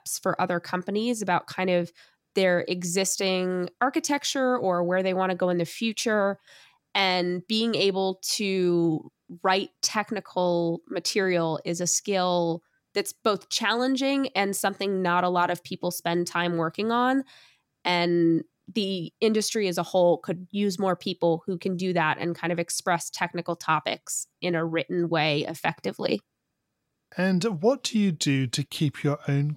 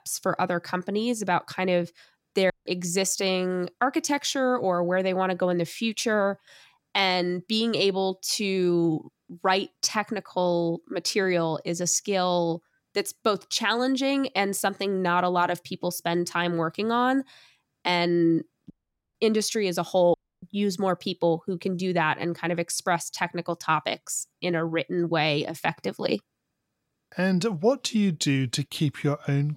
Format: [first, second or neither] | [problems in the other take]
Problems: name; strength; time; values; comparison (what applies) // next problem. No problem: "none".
first | audio cutting out; at 2.5 s, at 19 s and at 20 s